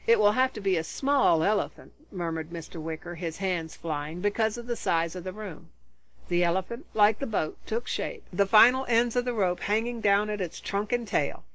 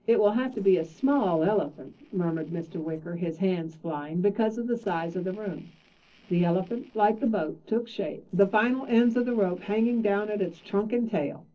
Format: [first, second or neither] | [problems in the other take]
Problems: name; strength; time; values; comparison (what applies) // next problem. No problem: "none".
first | noise reduction (neural separator model SepFormer DNS4)